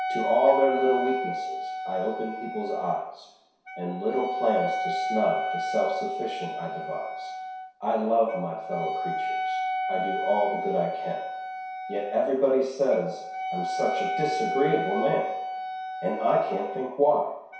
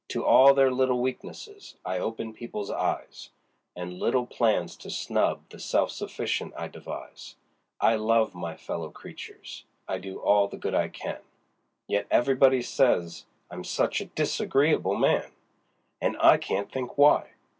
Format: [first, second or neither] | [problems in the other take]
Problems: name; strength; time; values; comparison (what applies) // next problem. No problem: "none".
second | background sound (Wind instrument, woodwind instrument); 4 dB below the speech // room echo; dies away in 0.7 s